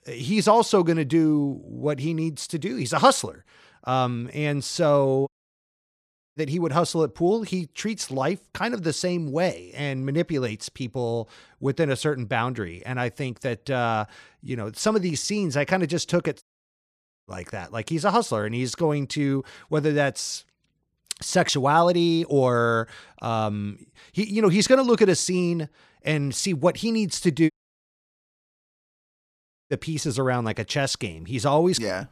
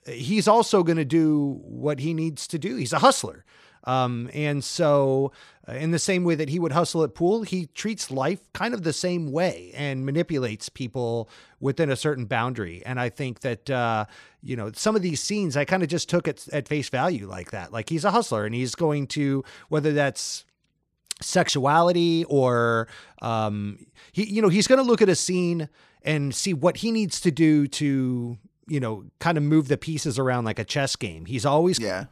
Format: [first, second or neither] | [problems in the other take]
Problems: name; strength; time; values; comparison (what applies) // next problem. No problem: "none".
second | audio cutting out; at 5.5 s for 1 s, at 16 s for 1 s and at 28 s for 2 s